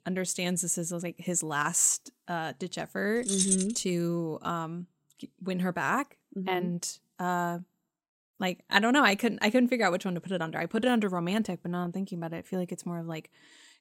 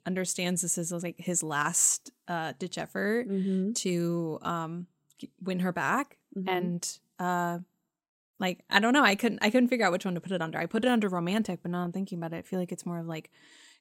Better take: second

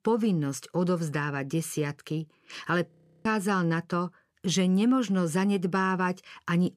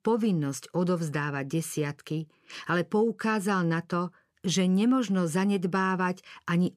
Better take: second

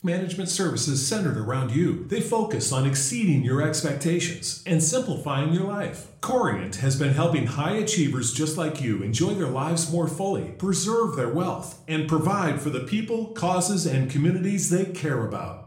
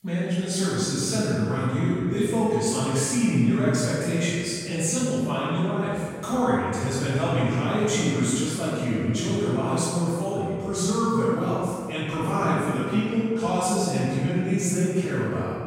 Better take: first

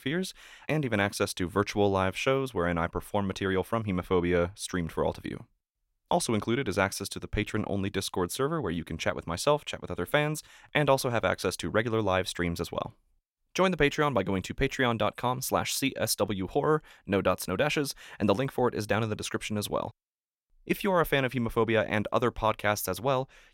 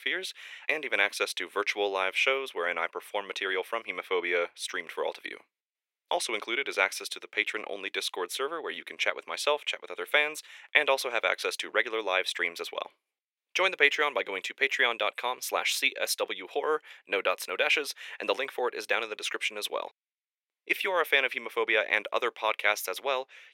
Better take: first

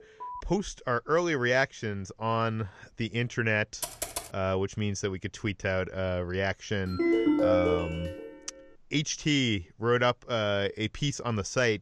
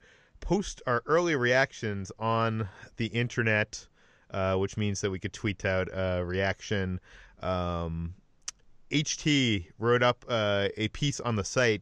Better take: second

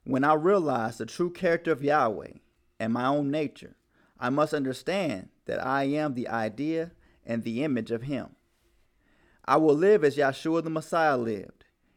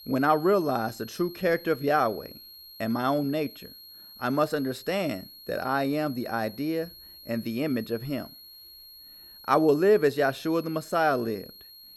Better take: first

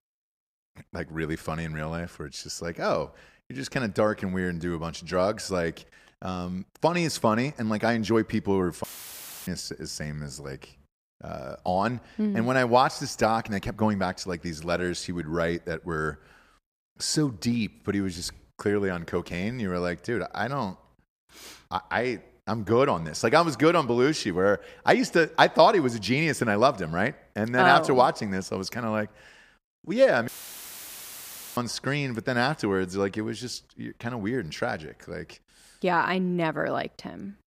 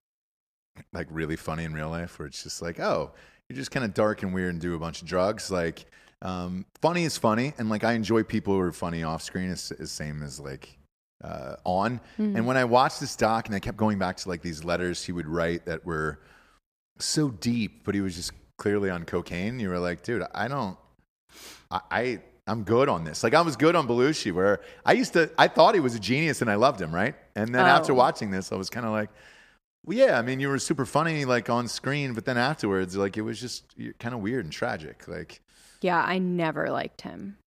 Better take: second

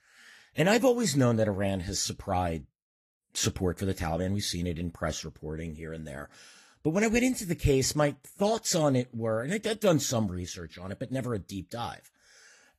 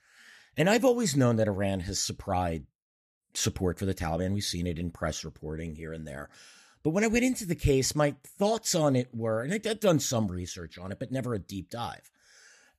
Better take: second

